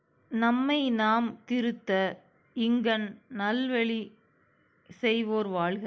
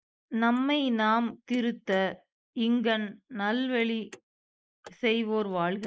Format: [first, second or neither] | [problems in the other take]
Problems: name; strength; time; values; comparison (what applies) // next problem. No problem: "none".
first | noise reduction (neural mask model Resemble Enhance denoiser)